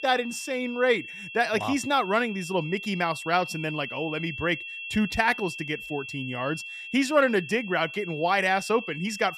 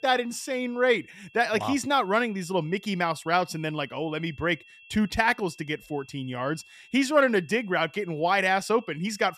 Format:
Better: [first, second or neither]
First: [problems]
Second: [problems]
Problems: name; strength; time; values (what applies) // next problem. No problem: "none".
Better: second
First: high-pitched whine; loud; throughout; 2.5 kHz, 9 dB below the speech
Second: high-pitched whine; faint; throughout; 2.5 kHz, 25 dB below the speech